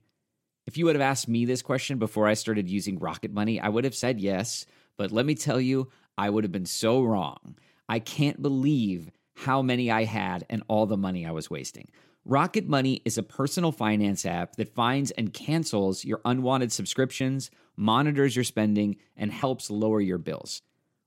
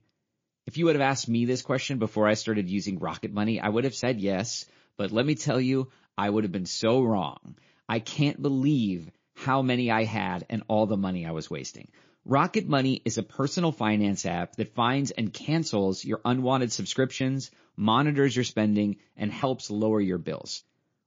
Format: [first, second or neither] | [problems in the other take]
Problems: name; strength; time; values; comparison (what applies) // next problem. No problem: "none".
first | garbled, watery; slightly